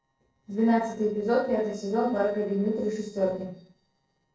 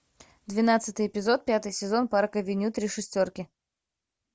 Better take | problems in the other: second | noise reduction (neural separator model SepFormer DNS4)

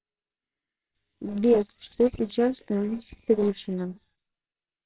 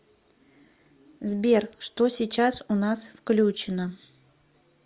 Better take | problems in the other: second | noise reduction (neural separator model SepFormer WHAMR!)

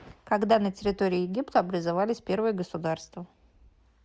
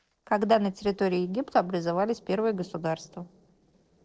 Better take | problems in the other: first | noise reduction (neural separator model SepFormer DNS4)

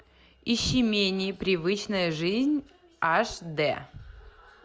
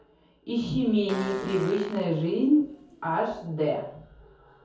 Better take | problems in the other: first | background sound (Fart); 14 dB below the speech // room echo; dies away in 0.6 s

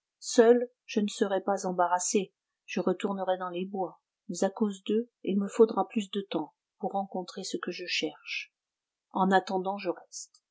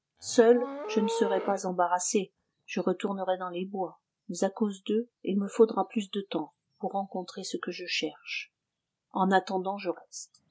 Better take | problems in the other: first | background sound (Livestock, farm animals, working animals); 14 dB below the speech

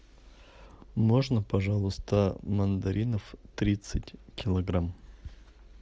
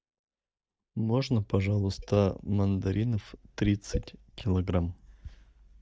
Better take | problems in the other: first | noise reduction (neural mask model DeepFilterNet 3)

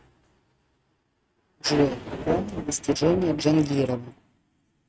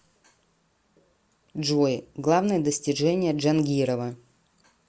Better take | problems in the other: second | noise reduction (neural mask model RNNoise)

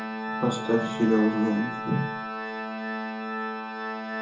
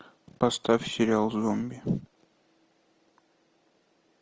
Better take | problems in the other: second | background sound (Organ); 4 dB below the speech // room echo; dies away in 0.5 s

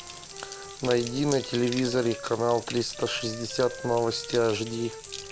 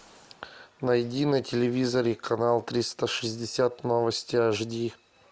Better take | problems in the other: second | background sound (Bathtub (filling or washing) + Wind instrument, woodwind instrument); 11 dB below the speech

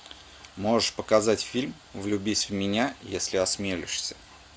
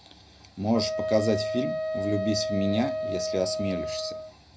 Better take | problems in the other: first | background sound (Wind instrument, woodwind instrument); 2 dB below the speech // room echo; dies away in 0.4 s

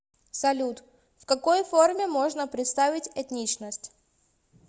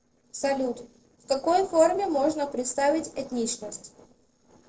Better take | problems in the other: first | noise reduction (neural separator model SepFormer DNS4)

